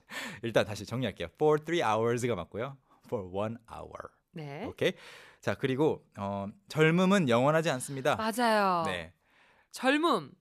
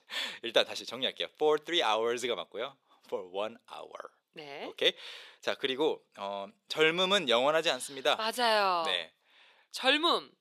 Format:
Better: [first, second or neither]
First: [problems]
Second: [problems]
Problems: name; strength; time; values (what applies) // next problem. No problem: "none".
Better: first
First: none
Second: thin; somewhat; fading below 400 Hz